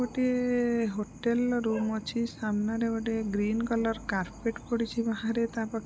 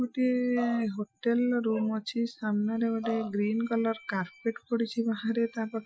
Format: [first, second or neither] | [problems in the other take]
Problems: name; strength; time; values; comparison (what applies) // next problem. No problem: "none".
first | noise reduction (classical method Wiener filter)